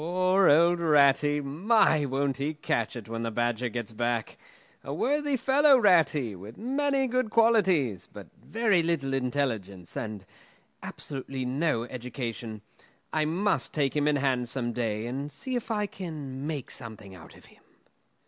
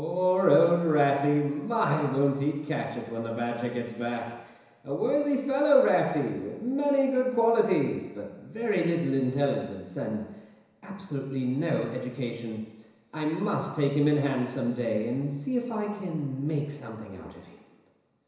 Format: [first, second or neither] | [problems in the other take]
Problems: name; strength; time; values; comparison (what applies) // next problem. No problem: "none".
first | room echo; dies away in 1 s